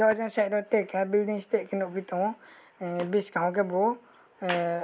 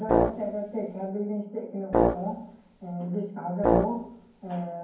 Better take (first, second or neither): first